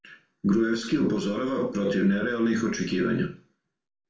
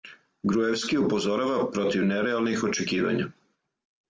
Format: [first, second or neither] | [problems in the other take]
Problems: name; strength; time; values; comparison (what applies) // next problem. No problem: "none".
second | room echo; dies away in 0.3 s